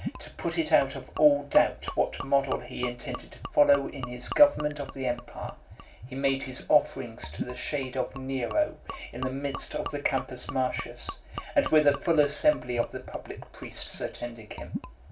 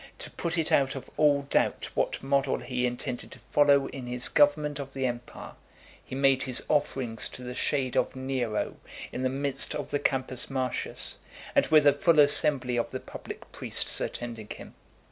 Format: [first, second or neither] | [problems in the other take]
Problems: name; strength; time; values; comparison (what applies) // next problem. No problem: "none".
second | background sound (Gurgling / Liquid); 13 dB below the speech // room echo; dies away in 0.2 s